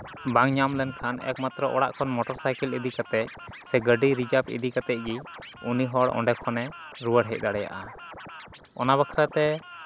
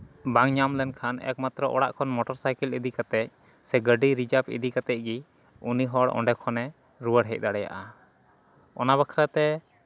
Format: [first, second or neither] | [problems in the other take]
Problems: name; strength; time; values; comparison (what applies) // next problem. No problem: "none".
second | background sound (Scratching (performance technique)); 17 dB below the speech